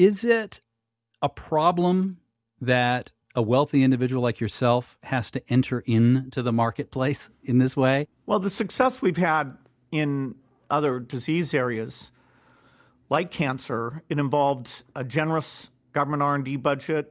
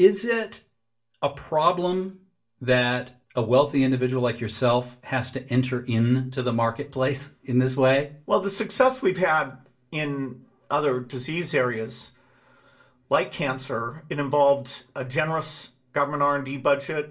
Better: first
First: none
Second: room echo; dies away in 0.2 s

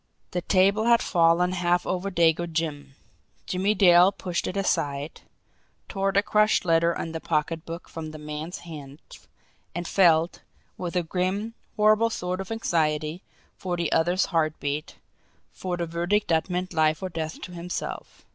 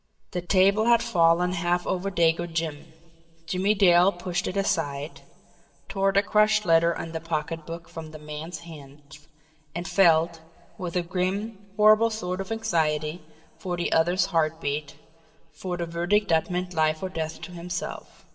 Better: first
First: none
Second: room echo; dies away in 1.9 s

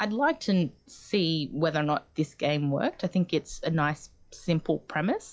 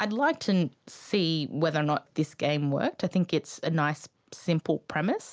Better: second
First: noise reduction (classical method log-MMSE)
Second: none

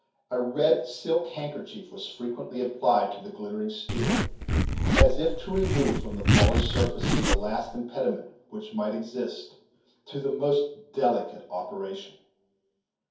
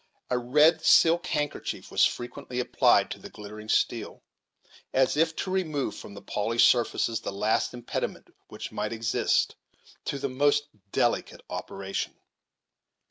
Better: second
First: background sound (Zipper (clothing)); 5 dB above the speech // room echo; dies away in 0.6 s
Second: none

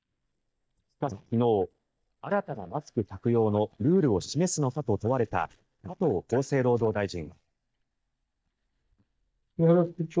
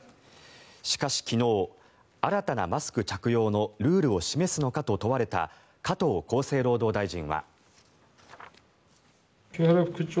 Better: second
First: noise reduction (neural mask model DeepFilterNet 3)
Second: none

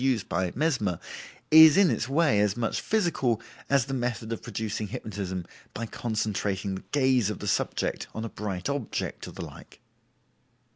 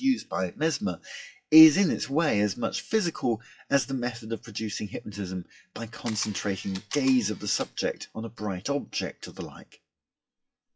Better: first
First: none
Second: noise reduction (classical method WPE with log-MMSE)

